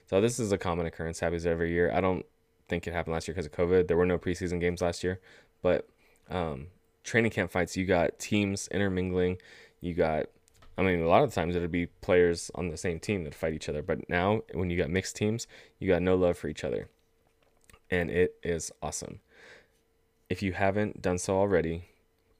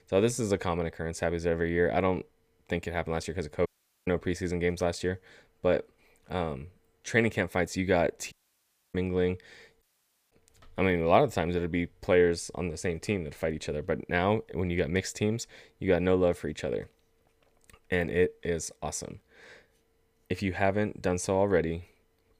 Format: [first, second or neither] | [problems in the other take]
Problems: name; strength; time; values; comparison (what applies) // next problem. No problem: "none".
first | audio cutting out; at 3.5 s, at 8.5 s for 0.5 s and at 10 s